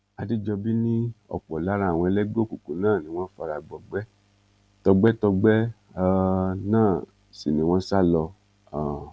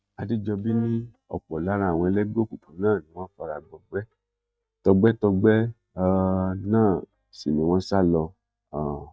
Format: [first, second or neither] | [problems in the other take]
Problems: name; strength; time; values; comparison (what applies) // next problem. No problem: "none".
first | noise reduction (neural mask model DeepFilterNet 3)